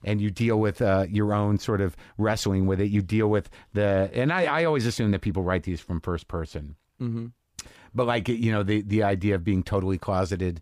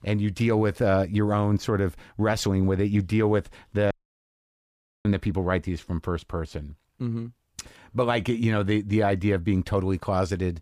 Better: first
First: none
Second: audio cutting out; at 4 s for 1 s

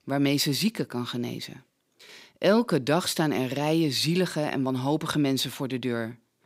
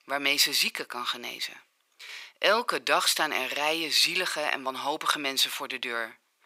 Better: first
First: none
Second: thin; very; fading below 800 Hz

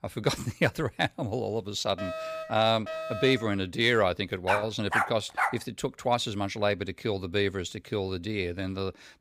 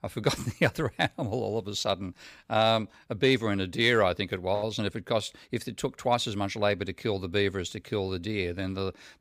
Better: second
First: alarm; noticeable; from 2 to 3.5 s; peak 6 dB below the speech // dog barking; loud; from 4.5 to 5.5 s; peak 1 dB above the speech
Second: none

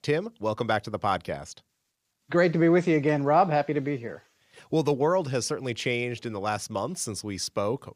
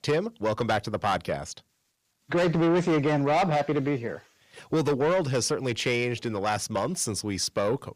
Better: first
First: none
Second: distortion; heavy; 8 dB below the speech

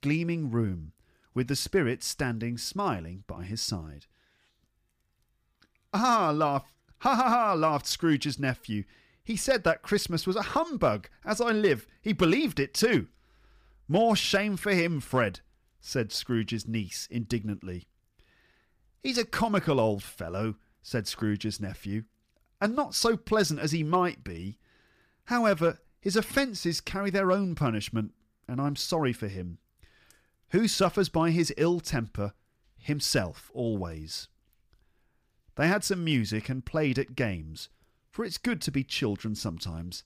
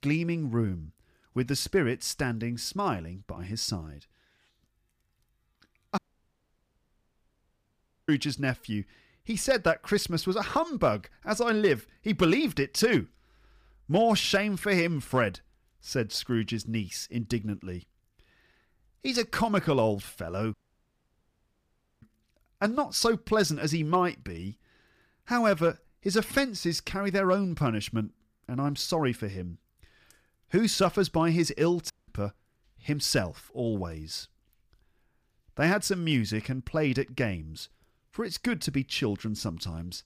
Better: first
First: none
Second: audio cutting out; at 6 s for 2 s, at 21 s for 1.5 s and at 32 s

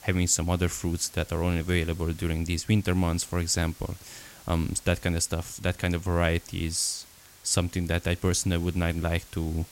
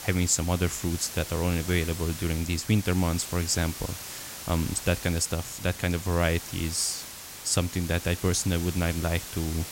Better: first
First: hiss; faint; throughout; 20 dB below the speech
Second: hiss; loud; throughout; 10 dB below the speech

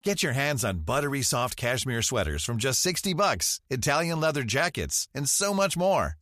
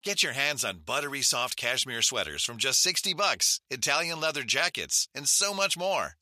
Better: first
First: none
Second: thin; somewhat; fading below 1 kHz

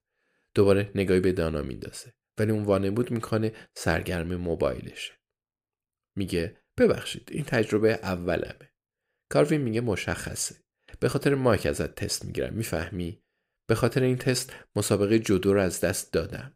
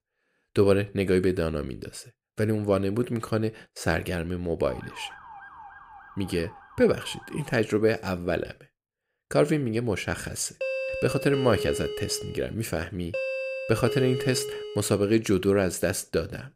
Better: first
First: none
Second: siren; faint; from 4.5 to 7.5 s; peak 15 dB below the speech // doorbell; noticeable; from 11 to 15 s; peak 3 dB below the speech

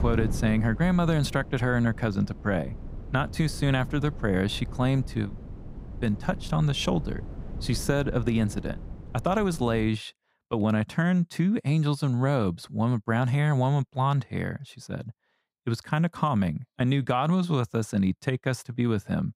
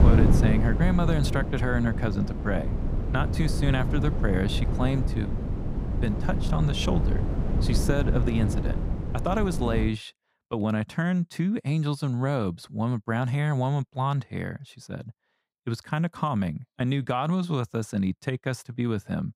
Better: first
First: wind noise on the microphone; occasional gusts; until 10 s; 20 dB below the speech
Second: wind noise on the microphone; heavy; until 10 s; 6 dB below the speech

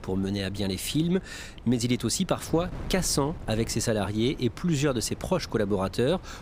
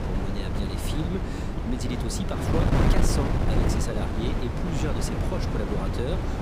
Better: first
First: wind noise on the microphone; occasional gusts; 20 dB below the speech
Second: wind noise on the microphone; heavy; 3 dB above the speech

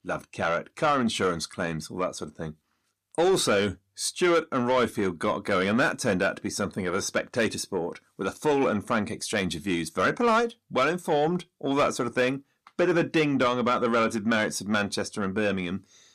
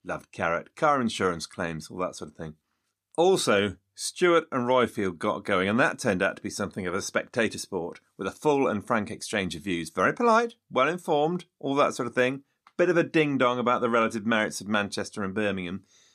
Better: second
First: distortion; slight; 10 dB below the speech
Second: none

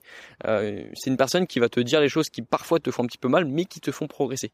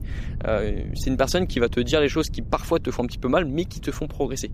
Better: first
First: none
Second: wind noise on the microphone; occasional gusts; 20 dB below the speech

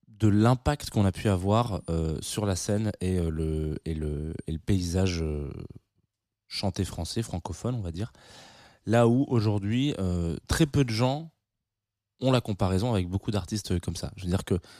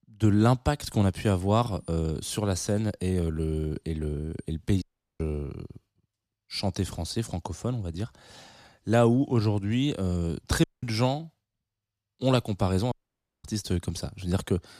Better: first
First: none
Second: audio cutting out; at 5 s, at 11 s and at 13 s for 0.5 s

